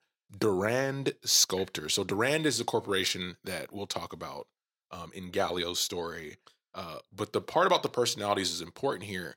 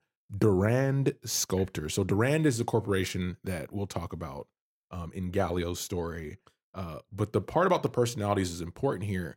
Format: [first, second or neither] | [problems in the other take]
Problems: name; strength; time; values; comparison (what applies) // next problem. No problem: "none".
second | thin; somewhat; fading below 550 Hz